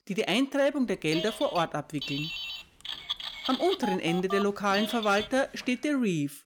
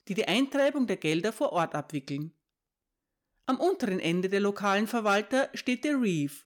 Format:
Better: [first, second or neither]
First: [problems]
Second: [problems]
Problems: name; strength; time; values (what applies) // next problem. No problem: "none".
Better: second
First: phone ringing; noticeable; from 1 to 5.5 s; peak 5 dB below the speech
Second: none